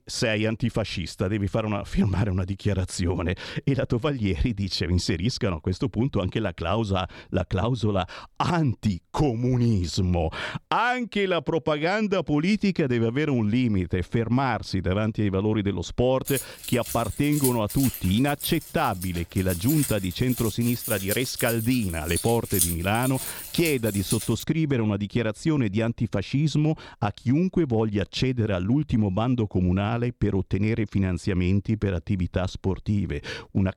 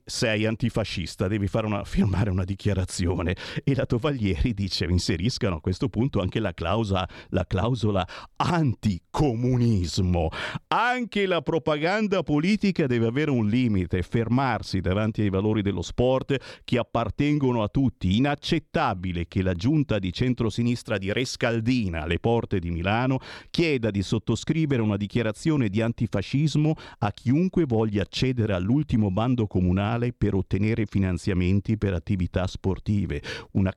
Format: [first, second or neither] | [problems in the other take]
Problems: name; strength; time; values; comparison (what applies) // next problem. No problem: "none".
second | jangling keys; loud; from 16 to 24 s; peak 1 dB above the speech